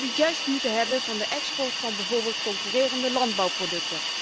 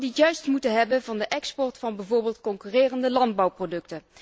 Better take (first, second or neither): second